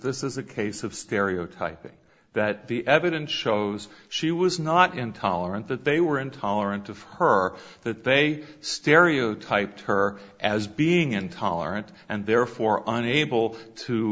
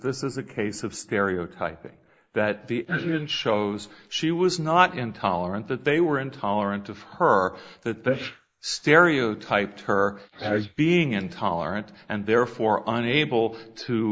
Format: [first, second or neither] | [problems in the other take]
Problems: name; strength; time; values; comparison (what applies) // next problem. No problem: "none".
first | noise reduction (neural mask model Resemble Enhance denoiser)